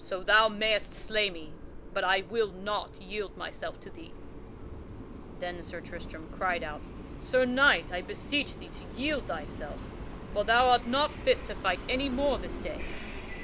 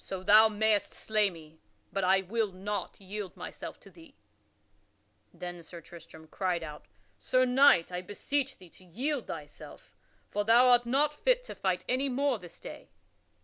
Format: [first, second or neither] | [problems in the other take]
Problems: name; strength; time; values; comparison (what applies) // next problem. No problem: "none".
second | background sound (Train); 9 dB below the speech